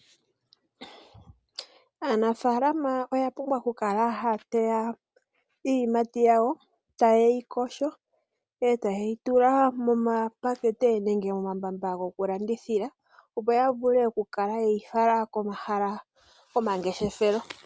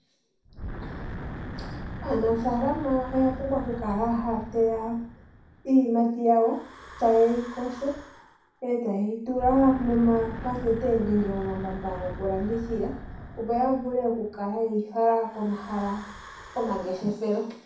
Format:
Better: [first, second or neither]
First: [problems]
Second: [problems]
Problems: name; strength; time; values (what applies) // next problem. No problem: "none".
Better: first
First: none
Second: background sound (Wind / Breathing); 13 dB below the speech // room echo; dies away in 0.6 s